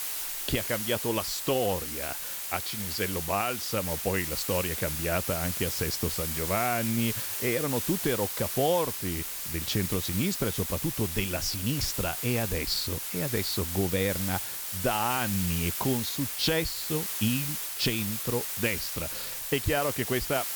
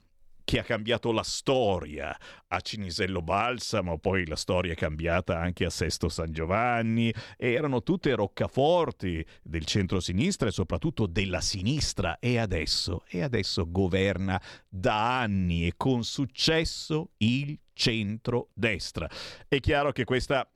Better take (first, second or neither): second